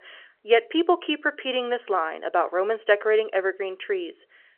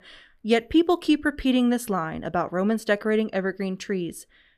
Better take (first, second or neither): second